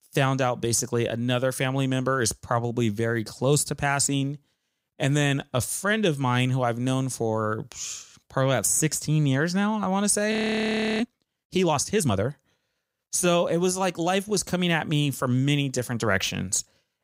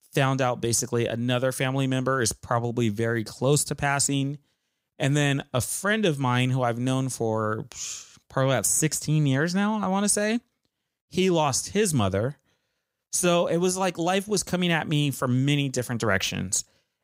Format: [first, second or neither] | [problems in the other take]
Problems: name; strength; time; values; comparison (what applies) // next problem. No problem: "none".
second | audio freezing; at 10 s for 0.5 s